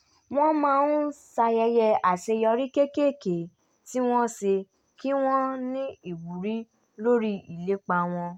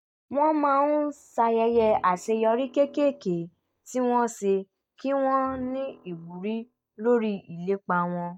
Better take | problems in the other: first | noise reduction (neural mask model DeepFilterNet 3)

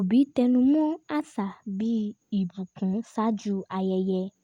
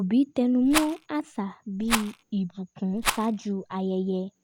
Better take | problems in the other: first | background sound (Rattle); 6 dB below the speech

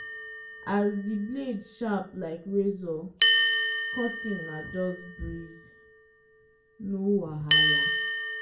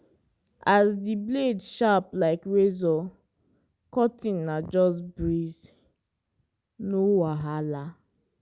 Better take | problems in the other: second | background sound (Bell); 2 dB above the speech // room echo; dies away in 0.3 s

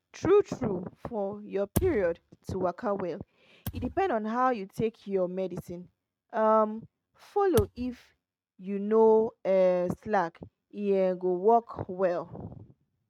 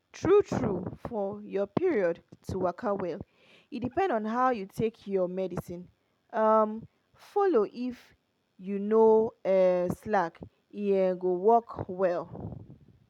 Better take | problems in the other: second | noise reduction (neural mask model RNNoise)

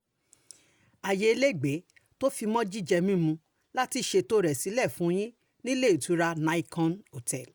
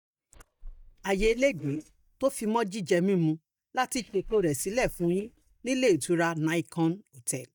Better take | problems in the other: first | noise reduction (neural mask model DeepFilterNet 3)

